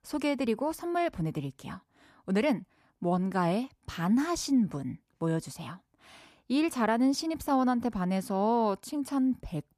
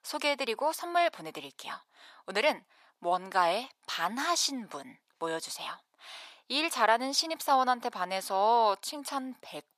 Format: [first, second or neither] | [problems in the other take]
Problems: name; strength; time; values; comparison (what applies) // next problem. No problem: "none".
first | thin; very; fading below 750 Hz